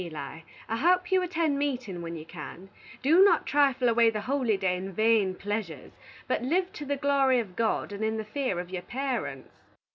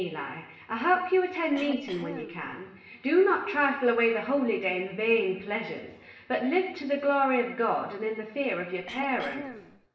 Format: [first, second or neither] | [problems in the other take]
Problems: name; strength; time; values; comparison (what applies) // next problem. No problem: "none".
first | background sound (Cough); 13 dB below the speech // room echo; dies away in 0.8 s